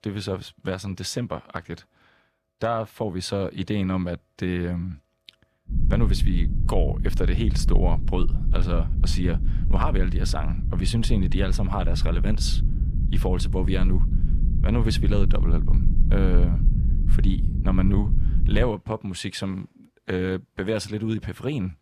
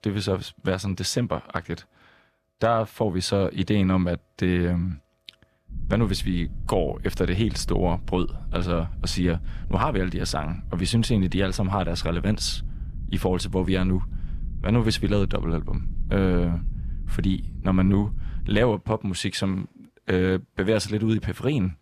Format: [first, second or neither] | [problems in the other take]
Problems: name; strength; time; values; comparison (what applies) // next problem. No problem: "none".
second | low rumble; loud; from 5.5 to 19 s; 10 dB below the speech; faint in the second